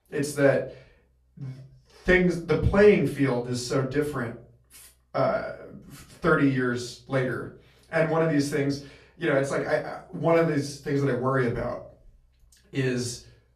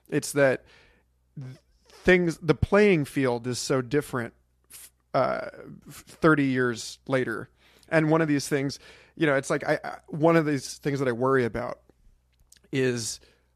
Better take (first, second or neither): second